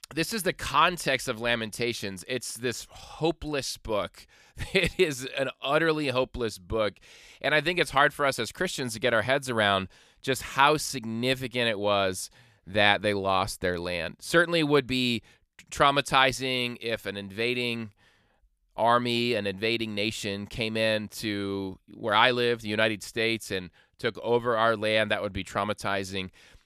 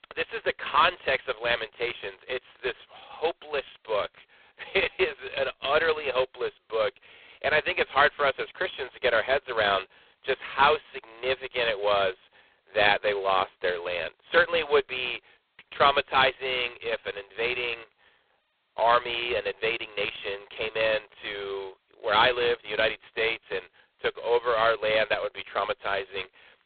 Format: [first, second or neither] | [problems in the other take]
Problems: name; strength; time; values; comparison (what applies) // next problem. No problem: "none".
first | phone-call audio; poor line; nothing above 3.5 kHz